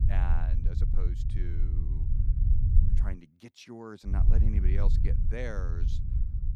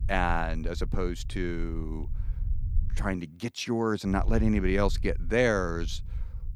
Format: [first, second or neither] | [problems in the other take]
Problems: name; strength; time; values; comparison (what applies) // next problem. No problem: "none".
second | low rumble; loud; until 3 s and from 4 s on; 3 dB below the speech; faint in the second